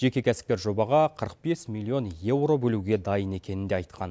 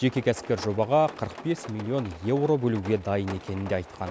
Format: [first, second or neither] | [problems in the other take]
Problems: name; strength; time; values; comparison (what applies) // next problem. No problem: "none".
first | background sound (Rain); 16 dB below the speech